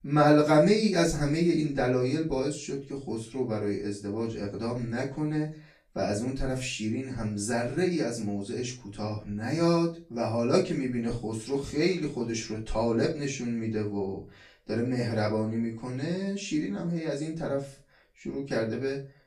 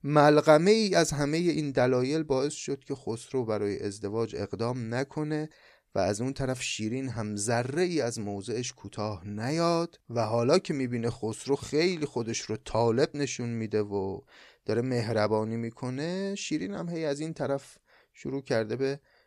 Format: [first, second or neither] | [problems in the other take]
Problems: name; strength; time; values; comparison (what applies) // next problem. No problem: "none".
second | off-mic speech; far // room echo; slight; dies away in 0.3 s